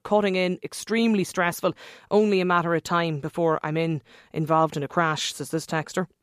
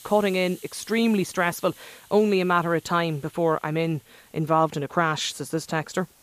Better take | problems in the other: first | hiss; faint; throughout; 25 dB below the speech

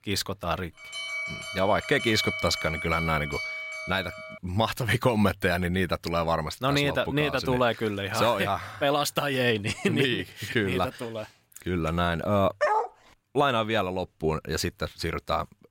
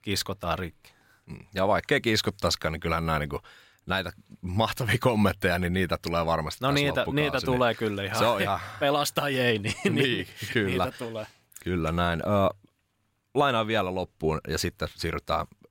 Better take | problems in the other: second | alarm; noticeable; from 1 to 4.5 s; peak 3 dB below the speech // dog barking; loud; at 13 s; peak 1 dB above the speech

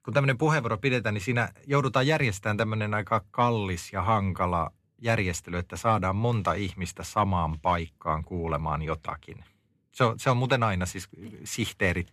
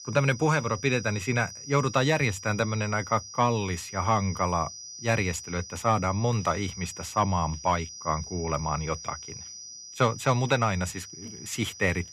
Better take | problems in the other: first | high-pitched whine; noticeable; throughout; 5.5 kHz, 10 dB below the speech

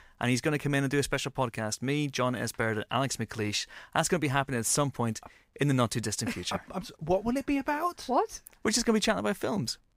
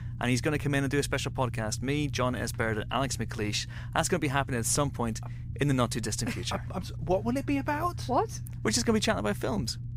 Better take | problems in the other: first | low rumble; faint; throughout; 20 dB below the speech

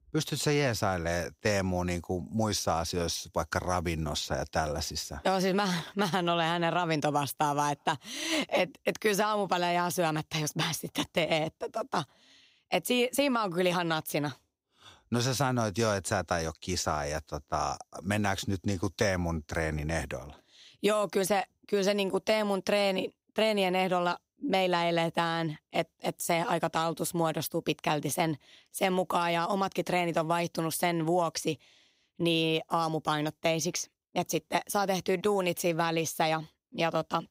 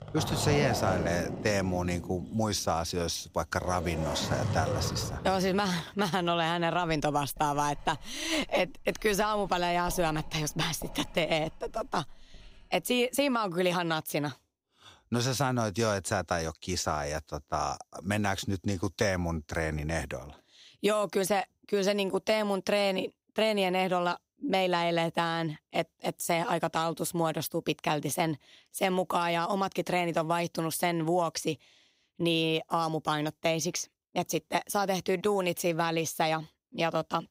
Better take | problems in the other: first | household noises; loud; until 13 s; 7 dB below the speech

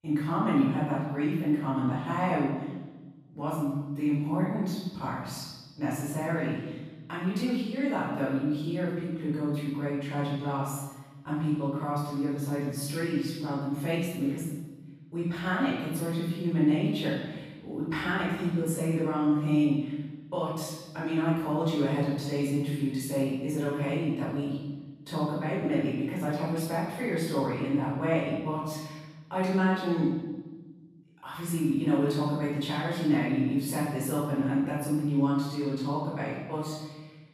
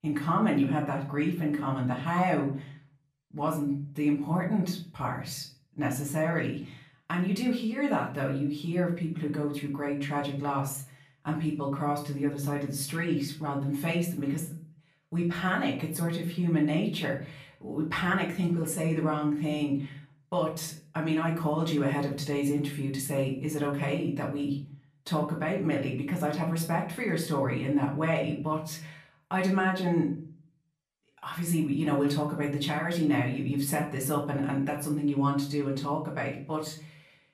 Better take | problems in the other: second | room echo; strong; dies away in 1.1 s; slight in the second // off-mic speech; far; far in the second

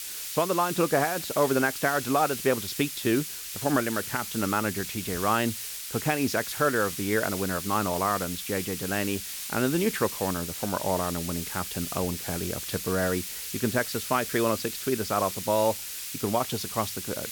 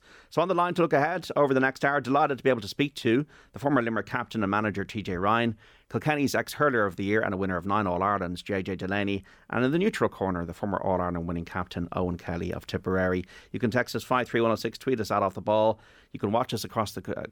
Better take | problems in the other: second | hiss; loud; throughout; 5 dB below the speech

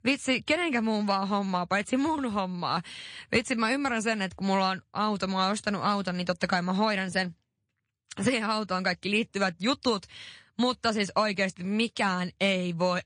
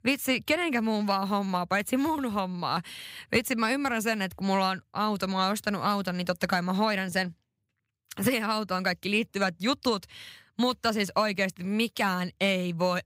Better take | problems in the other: second | garbled, watery; slightly; nothing above 9 kHz

